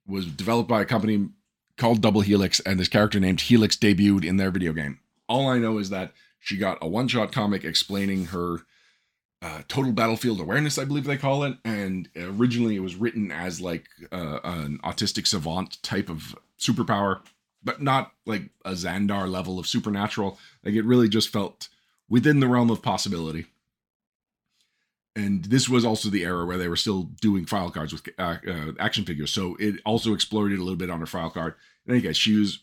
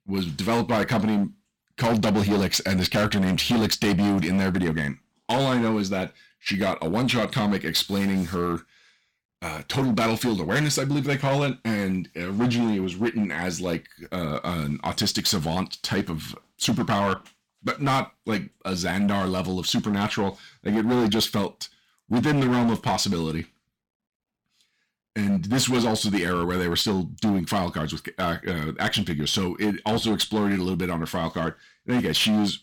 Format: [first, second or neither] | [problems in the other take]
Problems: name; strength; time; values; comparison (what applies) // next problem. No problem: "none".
first | distortion; heavy; 12% of the sound clipped